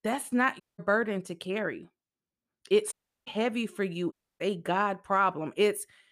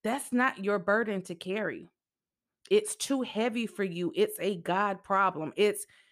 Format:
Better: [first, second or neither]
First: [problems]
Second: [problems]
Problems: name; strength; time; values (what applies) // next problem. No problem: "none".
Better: second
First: audio cutting out; at 0.5 s, at 3 s and at 4 s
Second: none